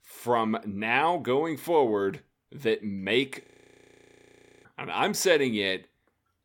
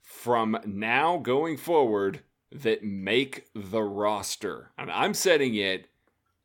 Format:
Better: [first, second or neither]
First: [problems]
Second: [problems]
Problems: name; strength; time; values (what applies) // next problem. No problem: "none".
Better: second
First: audio freezing; at 3.5 s for 1 s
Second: none